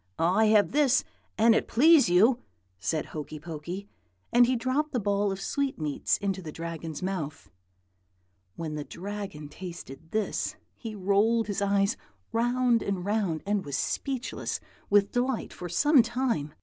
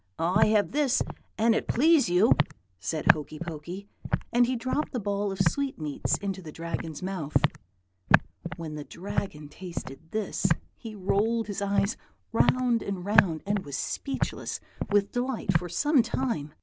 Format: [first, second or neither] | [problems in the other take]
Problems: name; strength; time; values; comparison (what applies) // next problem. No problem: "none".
first | background sound (Walk, footsteps); 2 dB below the speech